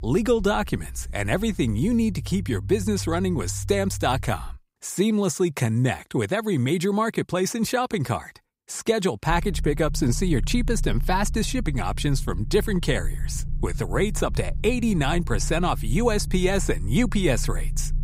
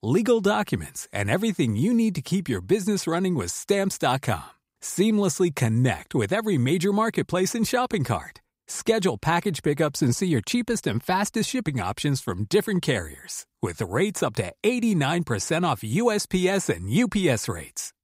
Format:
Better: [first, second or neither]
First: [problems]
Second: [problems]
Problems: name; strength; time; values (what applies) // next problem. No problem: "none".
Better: second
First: low rumble; faint; until 4.5 s and from 9.5 s on; 20 dB below the speech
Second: none